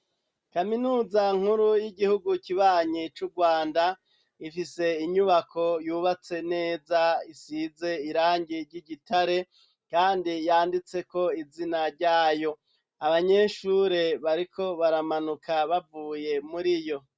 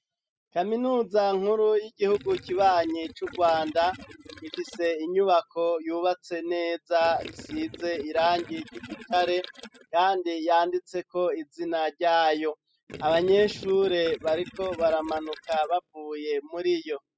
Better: first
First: none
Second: noise reduction (classical method spectral subtraction)

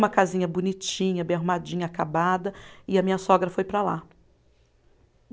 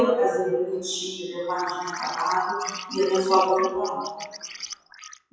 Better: first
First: none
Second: noise reduction (classical method WPE with log-MMSE)

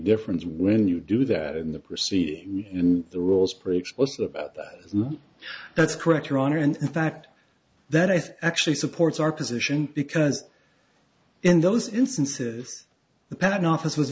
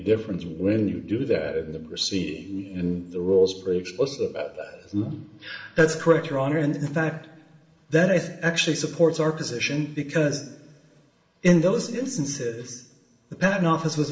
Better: first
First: none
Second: room echo; dies away in 1 s

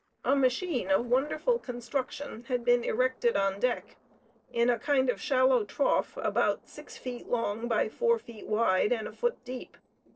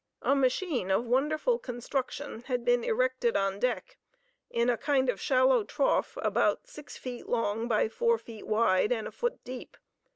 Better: second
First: noise reduction (neural separator model SepFormer DNS4)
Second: none

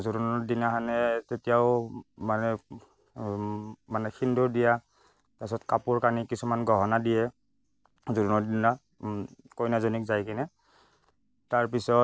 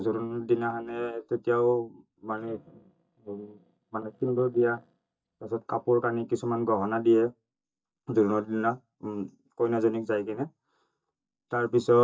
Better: first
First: none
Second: noise reduction (neural mask model DeepFilterNet 3)

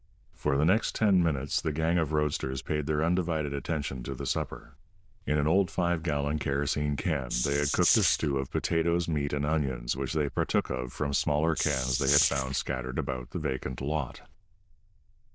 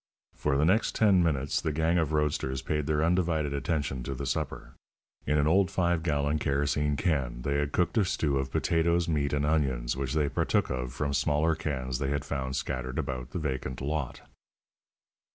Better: second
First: noise reduction (neural diffusion model UNIVERSE++)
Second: none

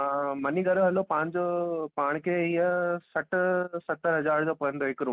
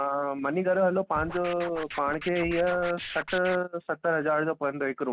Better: first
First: none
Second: background sound (Scratching (performance technique)); 12 dB below the speech

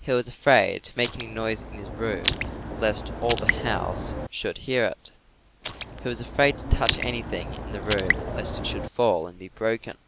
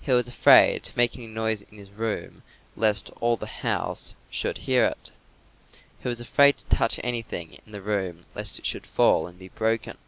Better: second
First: background sound (Raindrop); 3 dB below the speech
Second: none

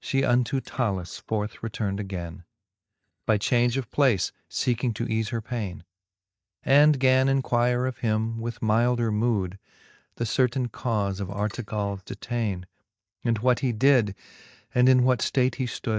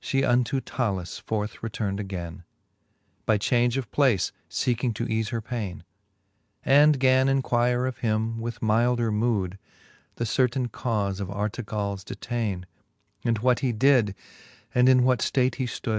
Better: second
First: noise reduction (neural mask model DeepFilterNet 3)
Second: none

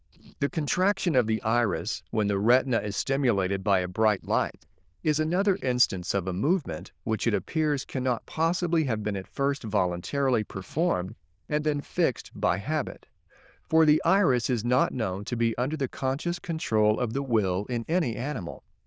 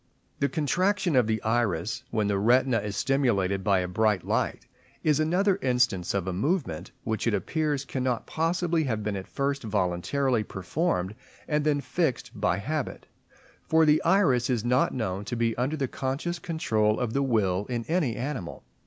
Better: second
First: noise reduction (neural diffusion model UNIVERSE++)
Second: none

